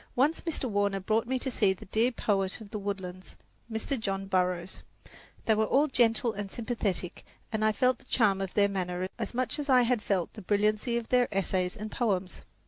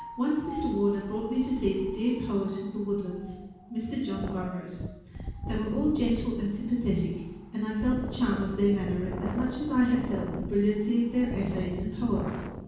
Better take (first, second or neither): first